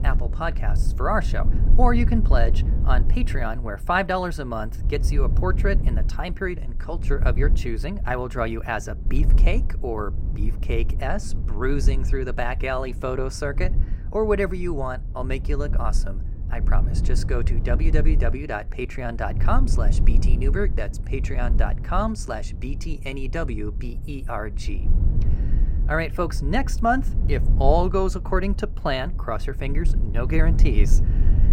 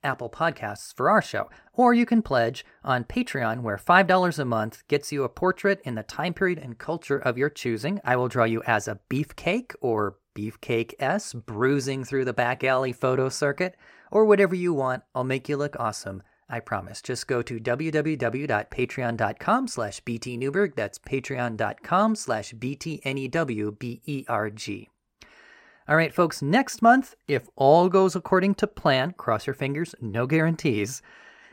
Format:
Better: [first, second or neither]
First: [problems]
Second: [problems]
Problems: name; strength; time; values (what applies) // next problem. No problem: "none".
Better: second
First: low rumble; noticeable; throughout; 15 dB below the speech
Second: none